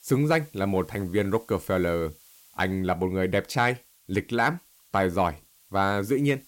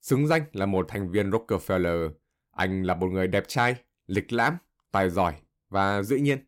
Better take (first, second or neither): second